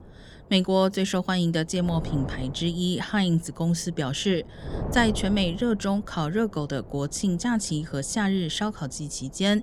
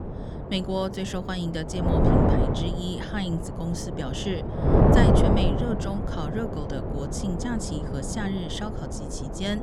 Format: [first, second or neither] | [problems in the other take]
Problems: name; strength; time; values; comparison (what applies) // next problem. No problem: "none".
first | wind noise on the microphone; heavy; 3 dB above the speech; occasional gusts in the first